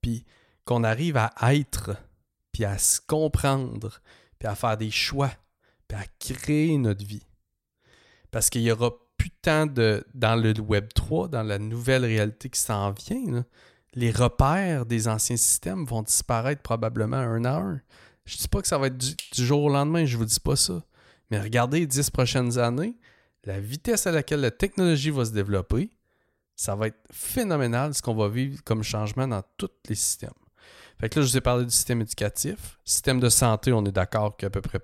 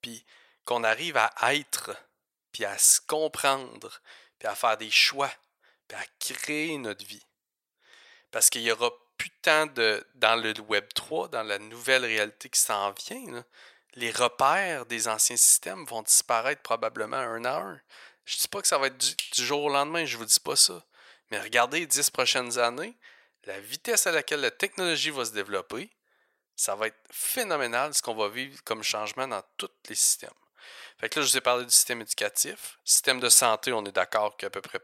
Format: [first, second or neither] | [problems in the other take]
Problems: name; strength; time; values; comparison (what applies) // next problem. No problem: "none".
first | thin; very; fading below 600 Hz